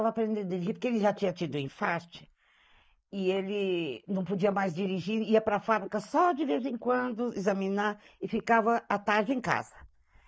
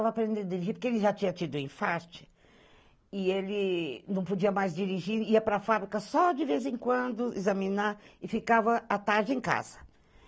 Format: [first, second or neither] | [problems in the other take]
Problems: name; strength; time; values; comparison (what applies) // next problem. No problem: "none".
second | noise reduction (neural mask model Resemble Enhance denoiser)